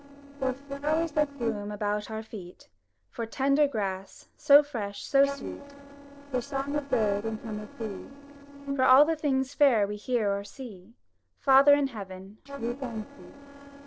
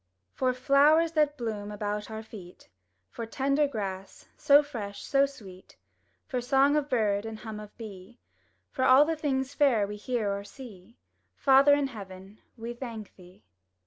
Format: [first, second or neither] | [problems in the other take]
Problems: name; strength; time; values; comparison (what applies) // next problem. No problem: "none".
second | noise reduction (neural separator model SepFormer DNS4)